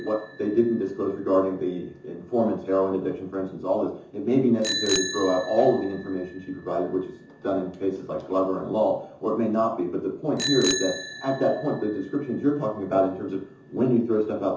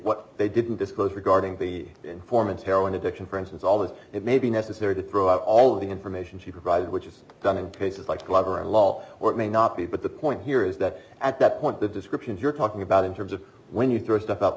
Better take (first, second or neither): second